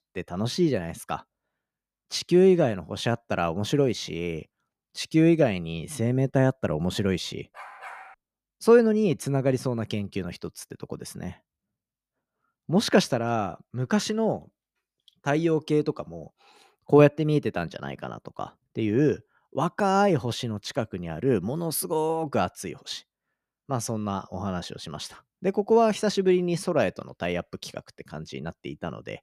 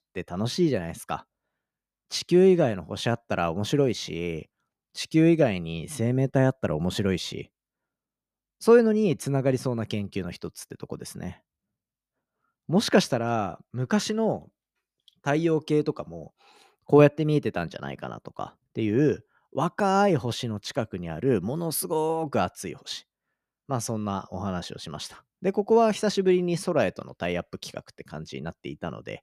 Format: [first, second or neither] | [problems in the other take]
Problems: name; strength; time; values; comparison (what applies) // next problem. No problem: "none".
second | dog barking; faint; at 7.5 s; peak 15 dB below the speech